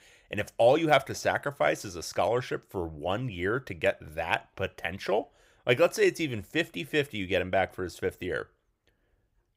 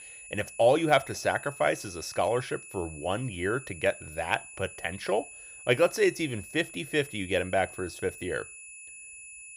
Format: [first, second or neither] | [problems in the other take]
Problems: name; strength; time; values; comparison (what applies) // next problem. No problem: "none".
first | high-pitched whine; noticeable; throughout; 2.5 kHz, 15 dB below the speech